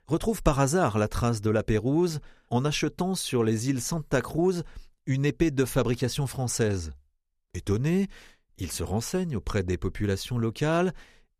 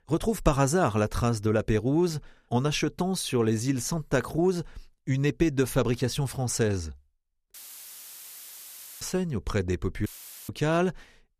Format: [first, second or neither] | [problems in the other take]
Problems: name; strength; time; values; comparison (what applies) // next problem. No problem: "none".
first | audio cutting out; filled with static; at 7.5 s for 1.5 s and at 10 s